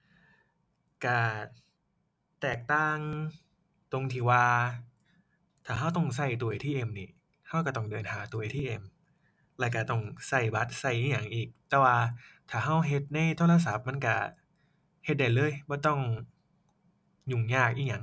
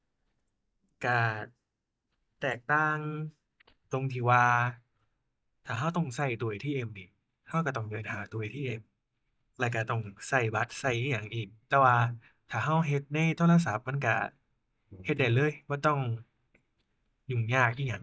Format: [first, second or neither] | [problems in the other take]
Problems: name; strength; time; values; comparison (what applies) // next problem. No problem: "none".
first | noise reduction (neural mask model DeepFilterNet 3)